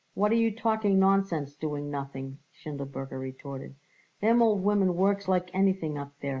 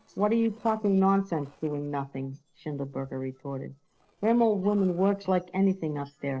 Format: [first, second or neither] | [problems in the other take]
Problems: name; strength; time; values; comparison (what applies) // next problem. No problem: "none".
first | noise reduction (neural separator model SepFormer DNS4)